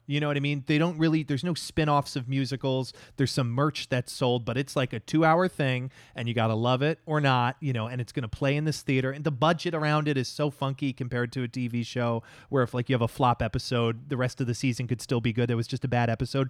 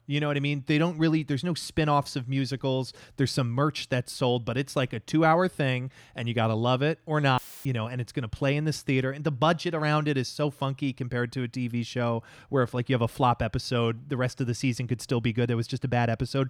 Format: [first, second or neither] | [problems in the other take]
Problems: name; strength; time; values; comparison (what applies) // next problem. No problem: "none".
first | audio cutting out; filled with static; at 7.5 s